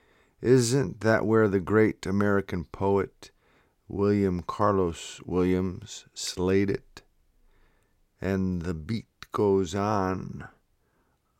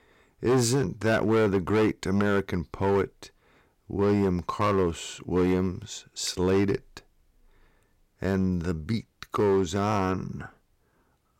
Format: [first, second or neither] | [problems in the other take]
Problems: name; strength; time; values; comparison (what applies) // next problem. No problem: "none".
first | distortion; slight; 7% of the sound clipped